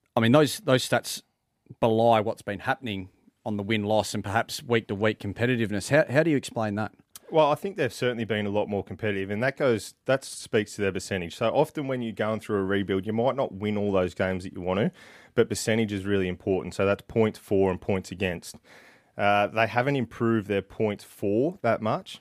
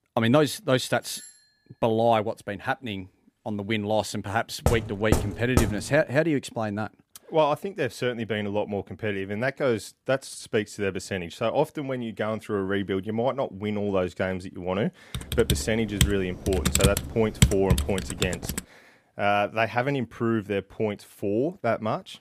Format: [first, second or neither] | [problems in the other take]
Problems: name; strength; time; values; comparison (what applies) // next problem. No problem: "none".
first | doorbell; faint; at 1 s; peak 15 dB below the speech // door banging; loud; from 4.5 to 5.5 s; peak 1 dB above the speech // keyboard typing; loud; from 15 to 19 s; peak 5 dB above the speech